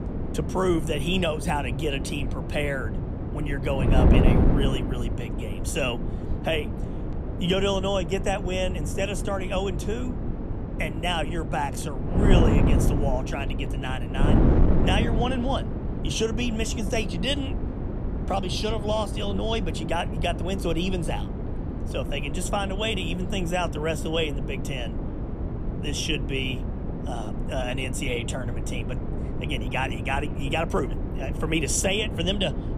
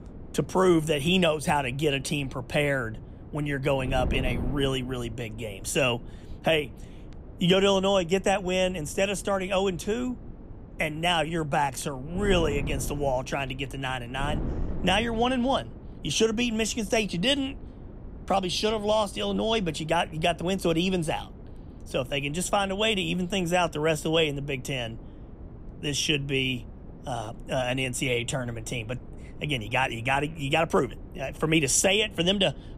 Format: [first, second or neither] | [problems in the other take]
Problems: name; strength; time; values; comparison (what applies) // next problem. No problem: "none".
second | wind noise on the microphone; heavy; 7 dB below the speech; occasional gusts in the second